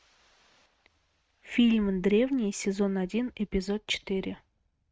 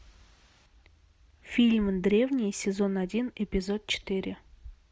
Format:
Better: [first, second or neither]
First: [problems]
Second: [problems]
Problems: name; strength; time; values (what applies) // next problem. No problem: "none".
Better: second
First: noise reduction (neural mask model RNNoise)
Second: none